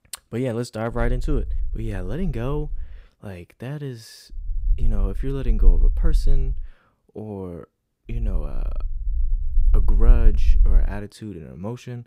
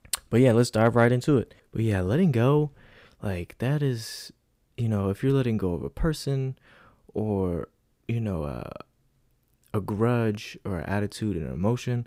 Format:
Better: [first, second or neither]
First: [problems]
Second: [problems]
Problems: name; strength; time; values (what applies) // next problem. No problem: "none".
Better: second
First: low rumble; noticeable; from 1 to 3 s, from 4.5 to 6.5 s and from 8 to 11 s; 15 dB below the speech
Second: none